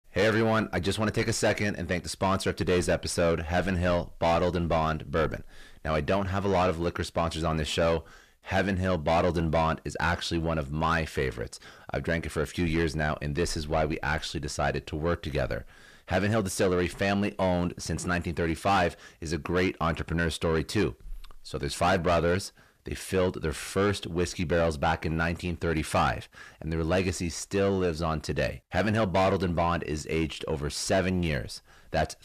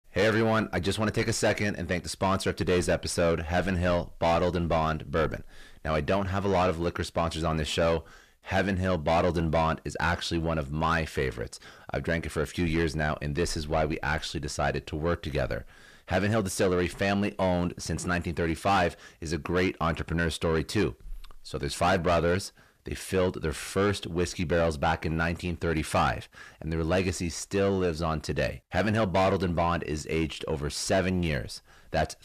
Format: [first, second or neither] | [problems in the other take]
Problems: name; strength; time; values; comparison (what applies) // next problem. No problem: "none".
neither | distortion; heavy; 8 dB below the speech; the same in both